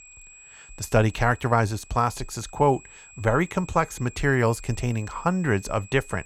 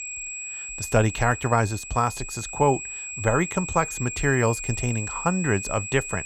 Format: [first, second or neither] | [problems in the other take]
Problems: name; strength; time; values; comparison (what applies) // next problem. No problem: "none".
first | high-pitched whine; loud; throughout; 2.5 kHz, 7 dB below the speech; faint in the first